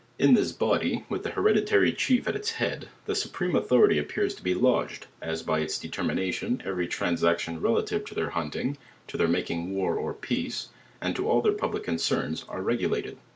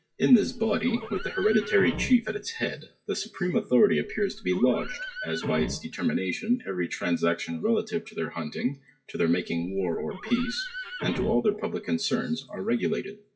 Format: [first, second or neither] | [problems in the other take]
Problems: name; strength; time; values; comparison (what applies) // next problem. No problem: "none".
first | noise reduction (classical method WPE with log-MMSE)